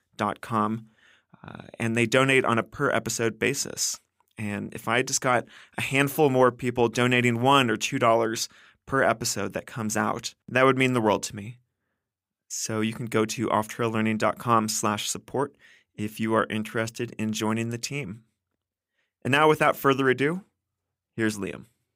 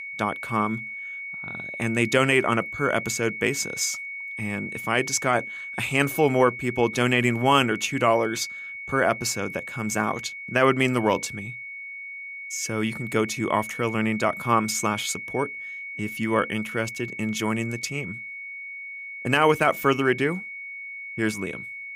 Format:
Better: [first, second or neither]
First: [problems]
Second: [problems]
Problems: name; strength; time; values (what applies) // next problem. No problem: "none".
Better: first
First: none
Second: high-pitched whine; loud; throughout; 2 kHz, 9 dB below the speech